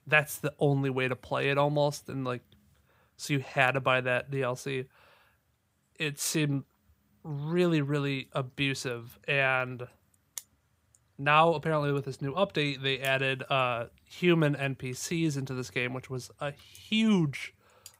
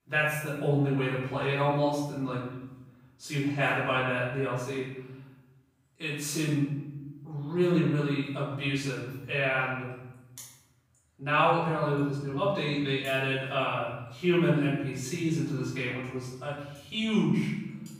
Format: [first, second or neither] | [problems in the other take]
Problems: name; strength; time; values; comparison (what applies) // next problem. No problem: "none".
first | off-mic speech; far // room echo; noticeable; dies away in 0.9 s